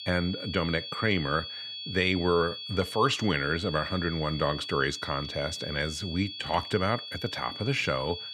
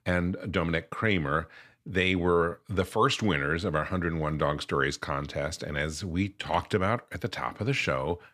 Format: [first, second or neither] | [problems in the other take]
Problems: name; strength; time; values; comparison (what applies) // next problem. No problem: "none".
second | high-pitched whine; loud; throughout; 3.5 kHz, 8 dB below the speech